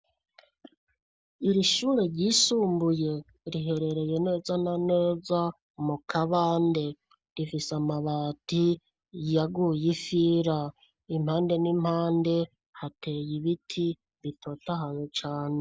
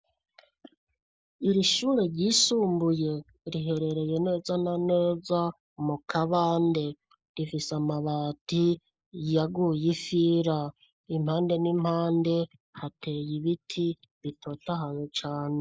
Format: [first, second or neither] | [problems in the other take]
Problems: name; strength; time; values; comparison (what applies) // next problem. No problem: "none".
first | noise reduction (neural mask model Resemble Enhance denoiser)